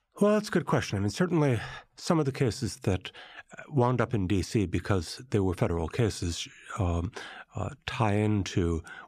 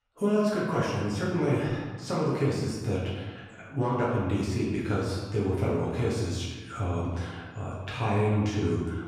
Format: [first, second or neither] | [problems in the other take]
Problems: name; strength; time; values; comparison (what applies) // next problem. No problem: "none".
first | room echo; noticeable; dies away in 1.2 s // off-mic speech; far